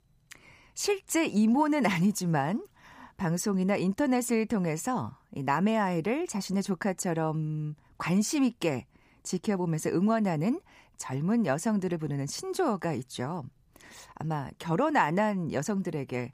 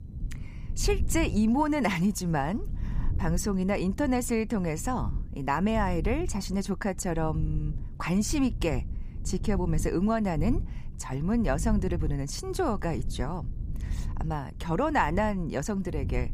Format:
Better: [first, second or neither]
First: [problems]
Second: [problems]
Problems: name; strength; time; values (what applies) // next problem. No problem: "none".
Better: first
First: none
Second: low rumble; noticeable; throughout; 20 dB below the speech